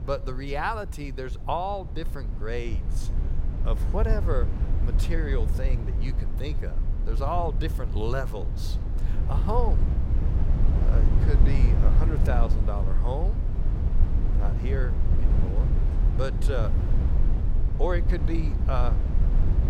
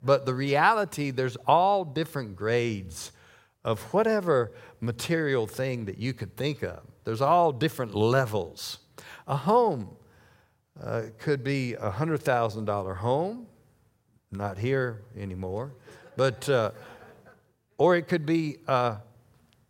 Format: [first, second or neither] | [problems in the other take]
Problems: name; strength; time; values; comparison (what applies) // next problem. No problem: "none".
second | low rumble; loud; throughout; 8 dB below the speech